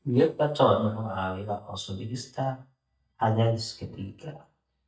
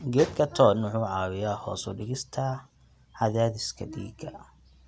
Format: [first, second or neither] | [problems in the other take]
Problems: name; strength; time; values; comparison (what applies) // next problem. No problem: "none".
second | noise reduction (neural mask model DeepFilterNet 3)